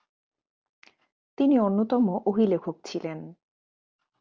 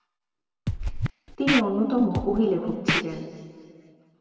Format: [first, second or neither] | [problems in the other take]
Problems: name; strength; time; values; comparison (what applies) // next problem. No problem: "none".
first | background sound (Scratching (performance technique)); 2 dB below the speech // room echo; dies away in 2.3 s